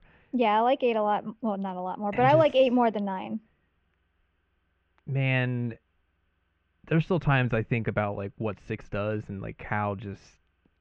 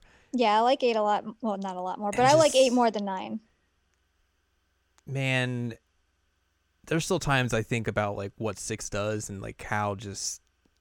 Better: second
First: muffled; very; fading above 2.5 kHz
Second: none

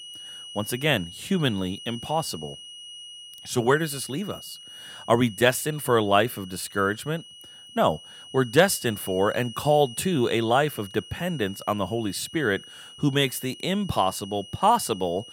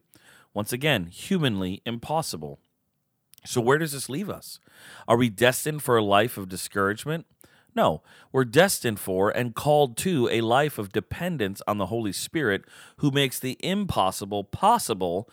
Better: second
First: high-pitched whine; noticeable; throughout; 3 kHz, 15 dB below the speech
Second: none

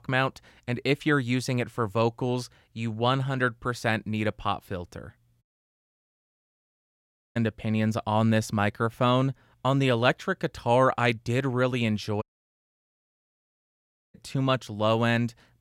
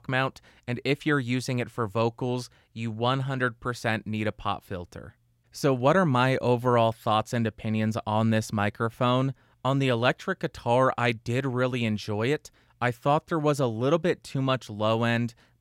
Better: second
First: audio cutting out; at 5.5 s for 2 s and at 12 s for 2 s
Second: none

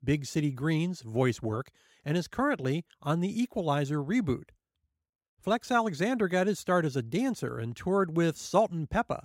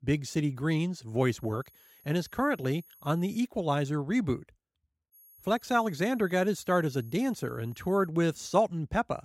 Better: first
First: none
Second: high-pitched whine; faint; from 1 to 3.5 s and from 5 to 8 s; 11.5 kHz, 25 dB below the speech

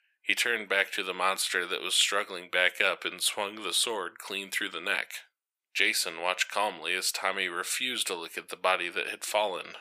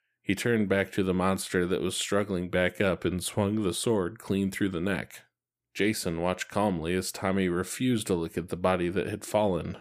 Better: second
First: thin; very; fading below 850 Hz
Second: none

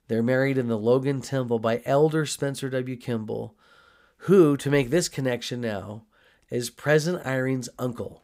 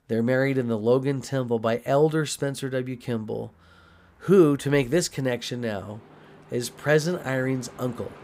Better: first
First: none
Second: train or aircraft noise; faint; throughout; 25 dB below the speech

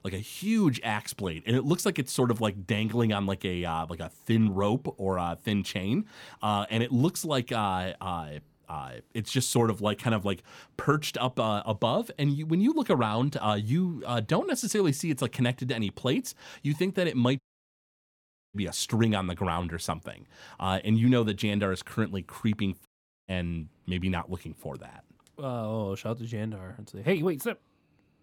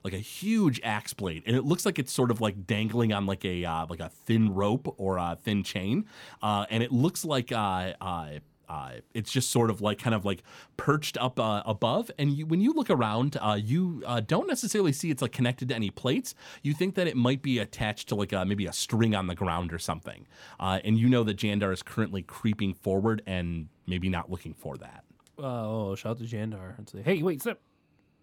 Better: second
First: audio cutting out; at 17 s for 1 s and at 23 s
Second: none

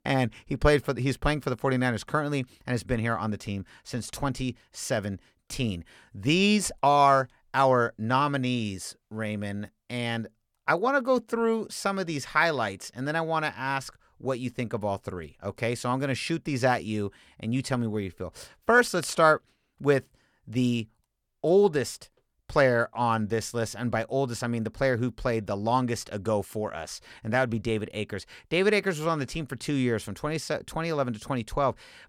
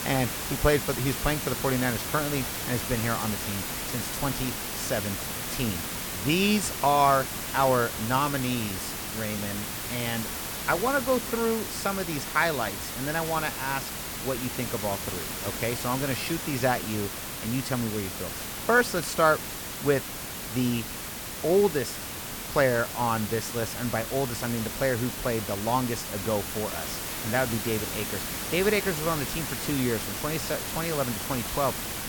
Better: first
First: none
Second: hiss; loud; throughout; 4 dB below the speech

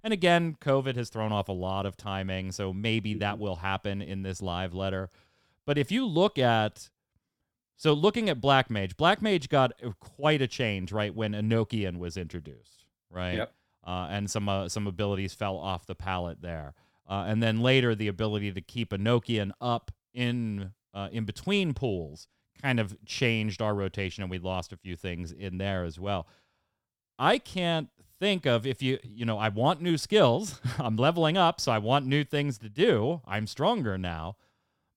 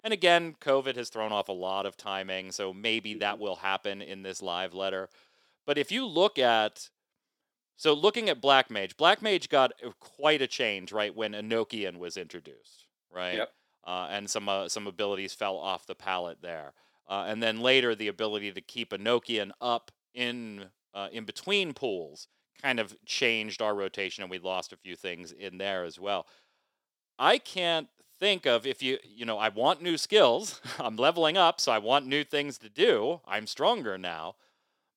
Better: first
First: none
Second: thin; somewhat; fading below 400 Hz

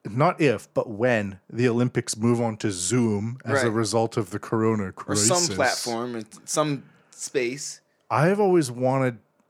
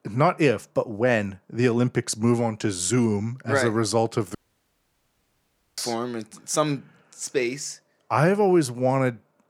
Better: first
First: none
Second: audio cutting out; at 4.5 s for 1.5 s

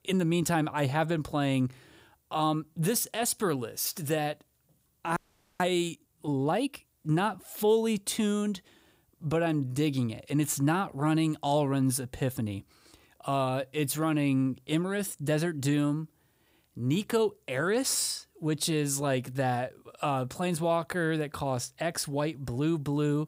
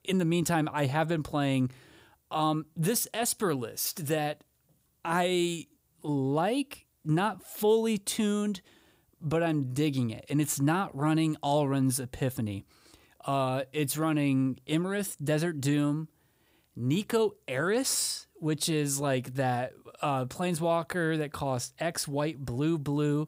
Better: second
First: audio freezing; at 5 s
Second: none

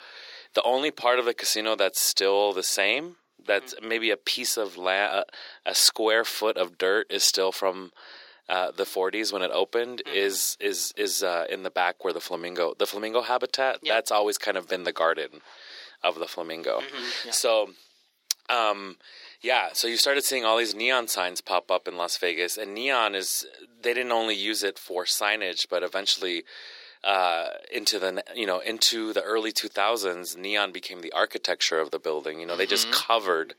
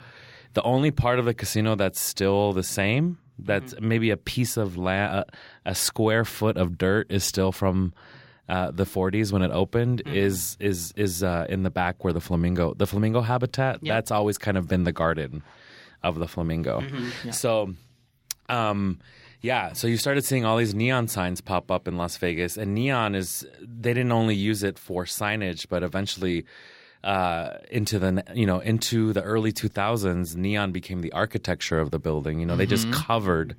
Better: second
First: thin; very; fading below 400 Hz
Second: none

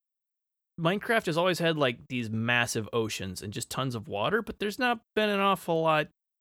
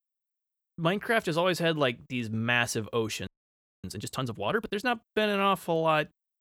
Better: first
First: none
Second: audio freezing; at 3.5 s for 0.5 s

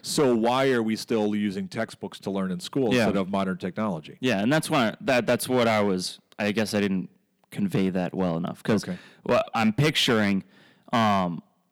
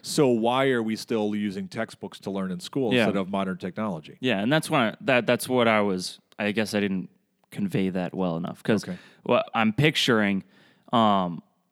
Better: second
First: distortion; slight; 4% of the sound clipped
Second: none

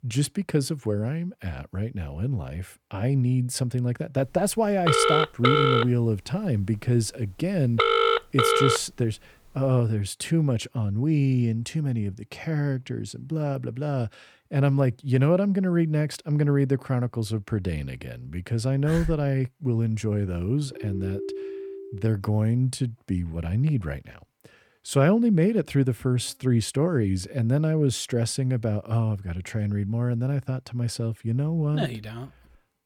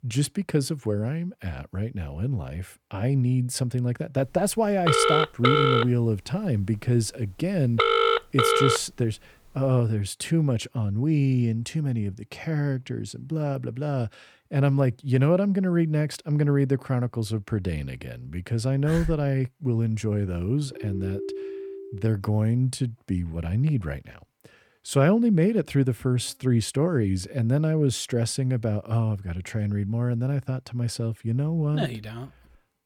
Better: neither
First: phone ringing; loud; from 5 to 9 s; peak 6 dB above the speech // phone ringing; noticeable; from 21 to 22 s; peak 8 dB below the speech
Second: phone ringing; loud; from 5 to 9 s; peak 6 dB above the speech // phone ringing; noticeable; from 21 to 22 s; peak 8 dB below the speech

